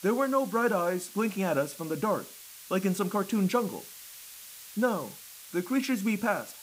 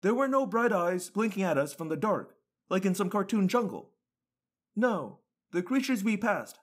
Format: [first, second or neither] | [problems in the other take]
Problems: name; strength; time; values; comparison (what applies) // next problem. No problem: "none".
second | hiss; noticeable; throughout; 15 dB below the speech